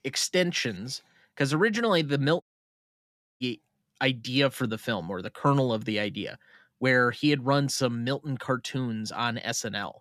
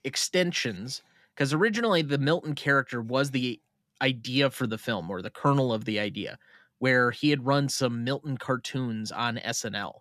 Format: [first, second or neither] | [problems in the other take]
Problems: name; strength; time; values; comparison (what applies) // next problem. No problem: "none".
second | audio cutting out; at 2.5 s for 1 s